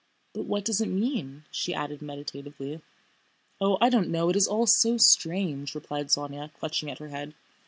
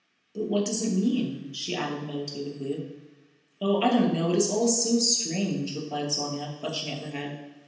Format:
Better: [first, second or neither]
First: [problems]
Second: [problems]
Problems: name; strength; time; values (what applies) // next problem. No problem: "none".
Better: first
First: none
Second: room echo; dies away in 0.9 s